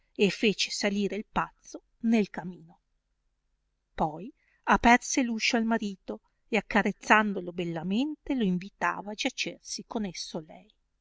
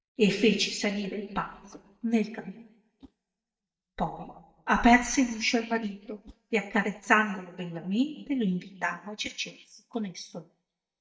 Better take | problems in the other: first | noise reduction (neural mask model DeepFilterNet 3)

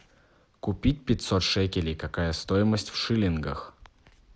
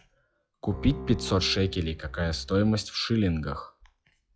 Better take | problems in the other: first | noise reduction (classical method log-MMSE)

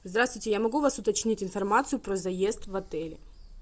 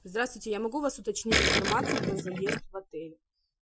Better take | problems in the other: first | noise reduction (classical method Wiener filter)

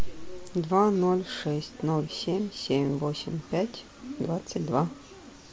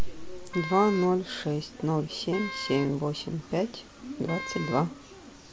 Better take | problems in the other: first | background sound (Wind instrument, woodwind instrument); 12 dB below the speech

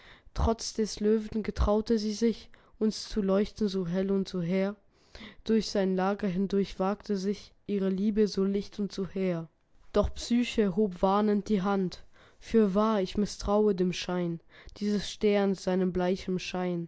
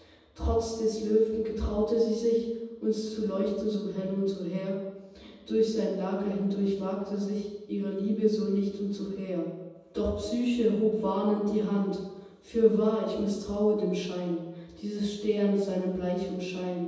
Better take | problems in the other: first | room echo; dies away in 1.1 s

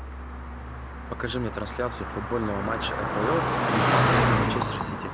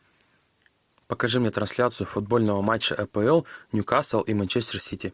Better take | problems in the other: second | background sound (Car passing by); 5 dB above the speech

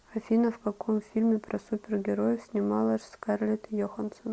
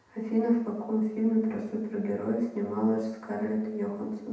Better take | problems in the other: first | room echo; dies away in 0.8 s

